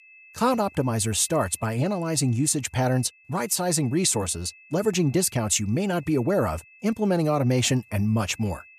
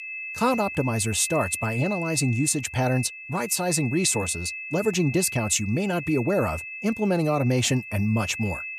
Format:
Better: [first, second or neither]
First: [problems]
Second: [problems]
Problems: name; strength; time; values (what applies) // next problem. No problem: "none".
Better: first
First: high-pitched whine; faint; throughout; 2.5 kHz, 25 dB below the speech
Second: high-pitched whine; loud; throughout; 2.5 kHz, 9 dB below the speech